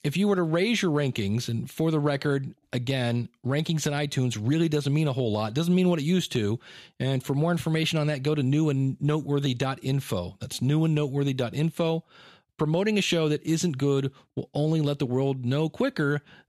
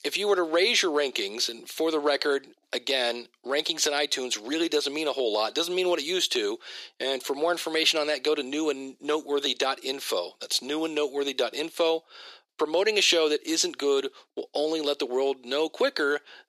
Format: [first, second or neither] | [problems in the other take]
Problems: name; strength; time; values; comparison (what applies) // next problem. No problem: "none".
first | thin; very; fading below 350 Hz